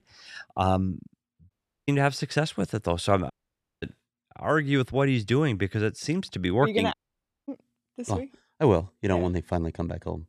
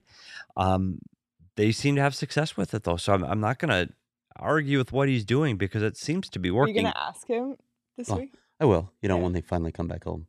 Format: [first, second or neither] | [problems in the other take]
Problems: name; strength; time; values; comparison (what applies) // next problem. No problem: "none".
second | audio cutting out; at 1.5 s, at 3.5 s for 0.5 s and at 7 s for 0.5 s